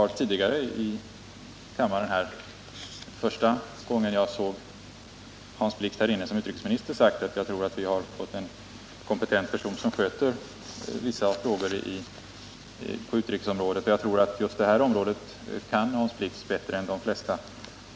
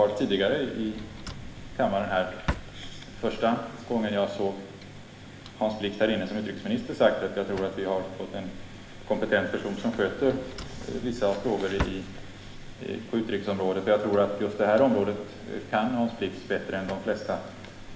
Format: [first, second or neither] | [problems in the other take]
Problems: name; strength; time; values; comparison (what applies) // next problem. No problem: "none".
first | background sound (Drawer open or close); 14 dB below the speech // room echo; dies away in 1.1 s